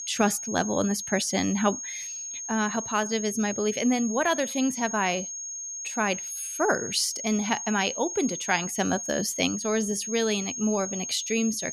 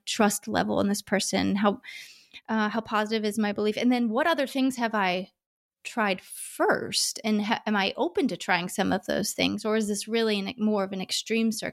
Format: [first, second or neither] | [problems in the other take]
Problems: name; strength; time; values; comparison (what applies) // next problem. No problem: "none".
second | high-pitched whine; loud; throughout; 6.5 kHz, 6 dB below the speech